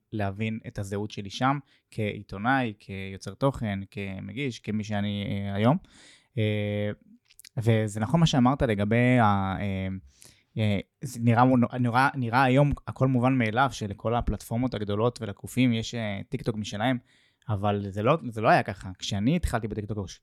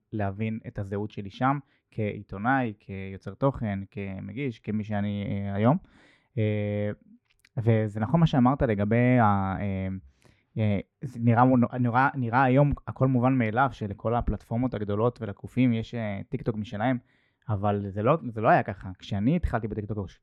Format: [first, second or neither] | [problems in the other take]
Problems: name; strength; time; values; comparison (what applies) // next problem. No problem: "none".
first | muffled; very; fading above 3.5 kHz